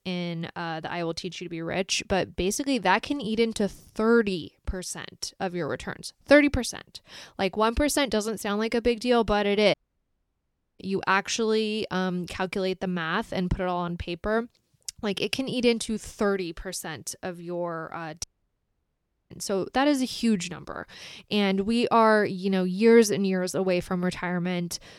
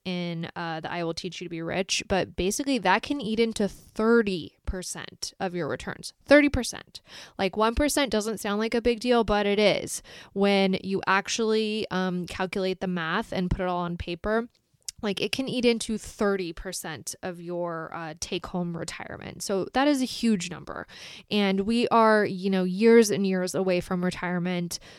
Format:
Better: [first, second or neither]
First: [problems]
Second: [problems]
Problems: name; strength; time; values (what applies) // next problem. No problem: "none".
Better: second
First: audio cutting out; at 9.5 s for 1 s and at 18 s for 1 s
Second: none